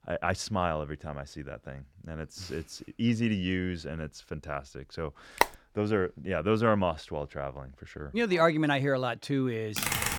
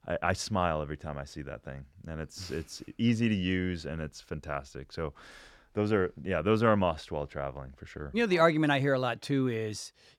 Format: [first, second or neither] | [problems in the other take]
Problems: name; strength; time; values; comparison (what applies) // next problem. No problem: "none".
second | phone ringing; very faint; at 5.5 s; peak 2 dB above the speech // keyboard typing; loud; at 10 s; peak 2 dB above the speech